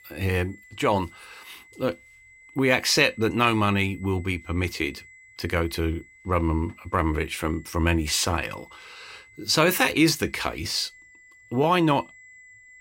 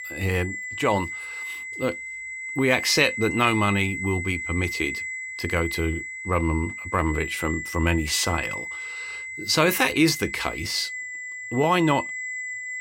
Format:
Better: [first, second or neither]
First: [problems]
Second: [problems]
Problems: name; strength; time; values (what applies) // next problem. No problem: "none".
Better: first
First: high-pitched whine; faint; throughout; 2 kHz, 25 dB below the speech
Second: high-pitched whine; loud; throughout; 2 kHz, 7 dB below the speech